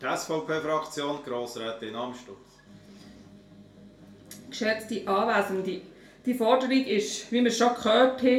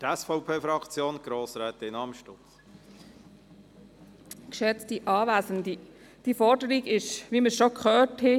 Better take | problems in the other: second | room echo; dies away in 0.3 s

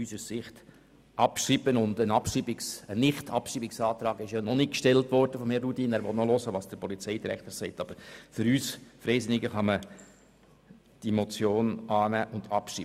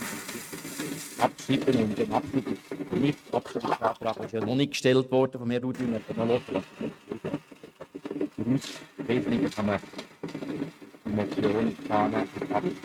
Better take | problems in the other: first | noise reduction (neural mask model RNNoise)

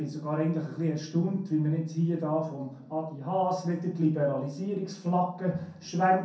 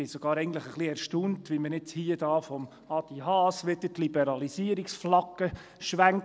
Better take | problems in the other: second | room echo; dies away in 0.5 s

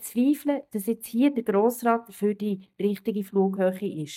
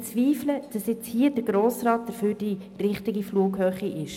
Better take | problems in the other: second | noise reduction (neural mask model DeepFilterNet 3)

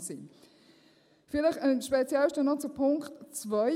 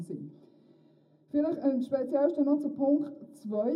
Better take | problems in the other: first | room echo; dies away in 0.4 s

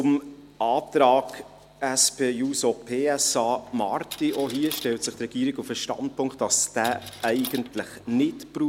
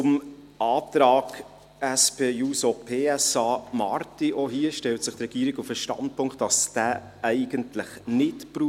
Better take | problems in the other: second | background sound (Coin (dropping)); 15 dB below the speech

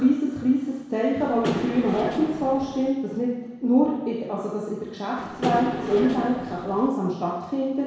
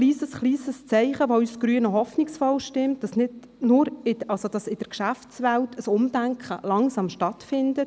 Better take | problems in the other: second | background sound (Engine / Mechanisms); 7 dB below the speech // room echo; dies away in 1.1 s

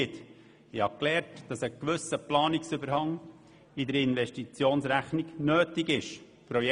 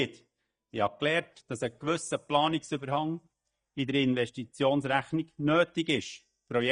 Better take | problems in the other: first | noise reduction (neural mask model DeepFilterNet 3)

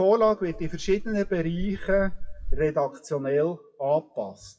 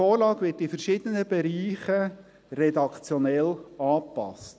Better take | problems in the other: second | noise reduction (classical method WPE with log-MMSE)

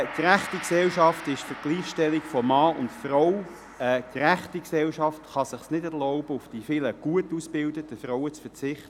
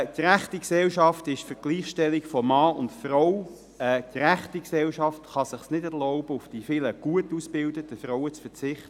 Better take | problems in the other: second | background sound (Gong); 16 dB below the speech

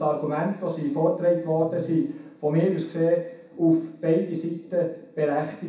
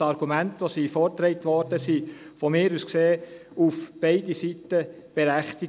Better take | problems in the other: second | room echo; dies away in 0.7 s

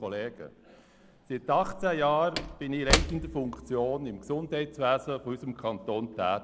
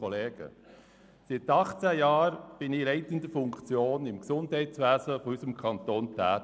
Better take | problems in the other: second | background sound (Slam / Wood); 6 dB below the speech

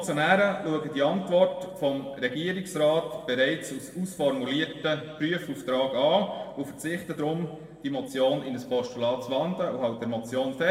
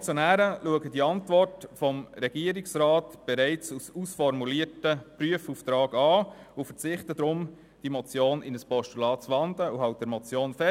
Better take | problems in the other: second | room echo; dies away in 1.6 s

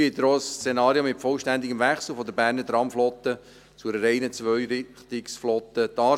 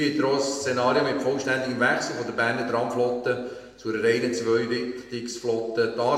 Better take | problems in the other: first | room echo; dies away in 1.1 s

